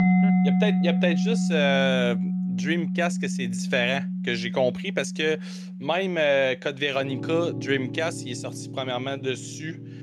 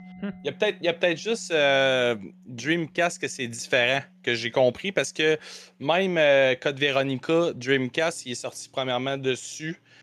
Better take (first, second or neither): second